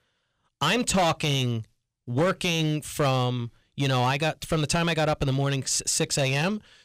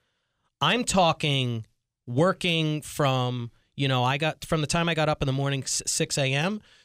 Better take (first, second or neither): second